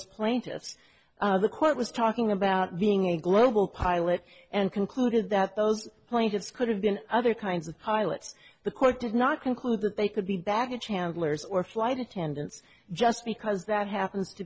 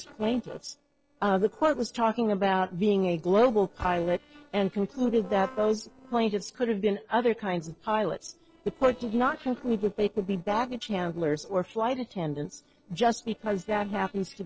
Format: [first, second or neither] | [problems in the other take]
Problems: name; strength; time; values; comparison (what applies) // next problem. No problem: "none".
first | noise reduction (neural separator model SepFormer DNS4)